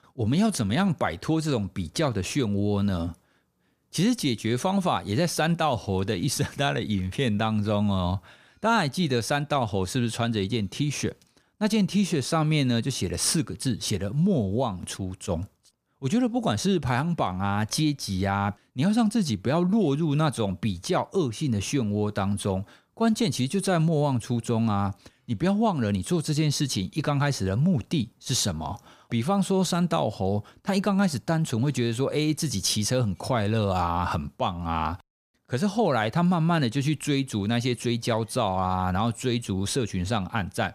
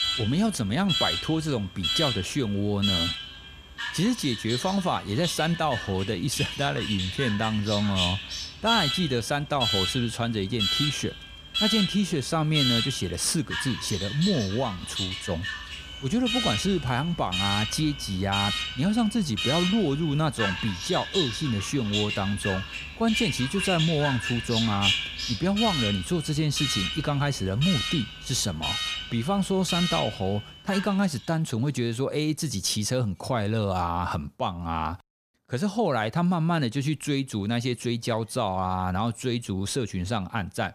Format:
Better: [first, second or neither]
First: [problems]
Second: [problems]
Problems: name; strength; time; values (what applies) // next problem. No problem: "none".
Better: first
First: none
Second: alarms or sirens; loud; until 31 s; 2 dB below the speech